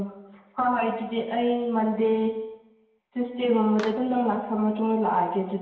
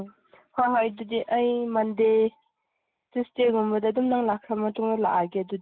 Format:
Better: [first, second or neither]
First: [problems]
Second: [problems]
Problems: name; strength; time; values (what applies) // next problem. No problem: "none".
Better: second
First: background sound (Clapping); 18 dB below the speech // room echo; dies away in 1 s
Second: none